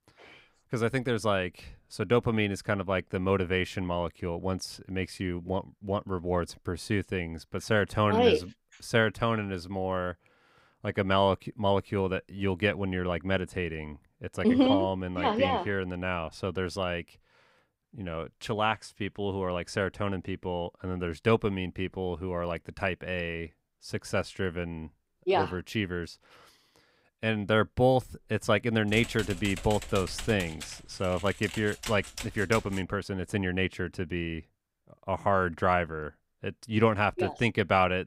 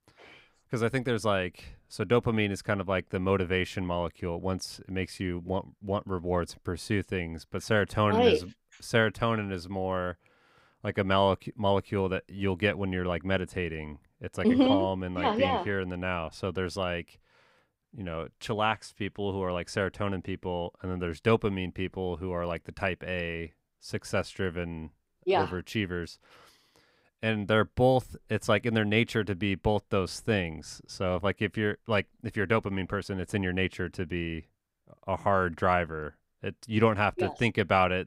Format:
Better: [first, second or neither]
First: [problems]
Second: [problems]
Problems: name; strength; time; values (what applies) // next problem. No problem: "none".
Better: second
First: keyboard typing; noticeable; from 29 to 33 s; peak 8 dB below the speech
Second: none